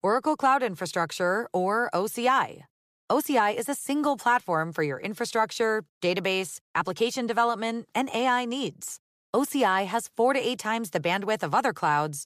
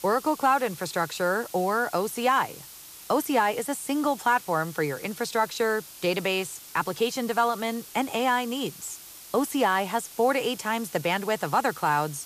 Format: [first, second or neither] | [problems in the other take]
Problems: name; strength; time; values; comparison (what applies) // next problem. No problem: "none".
first | hiss; noticeable; throughout; 15 dB below the speech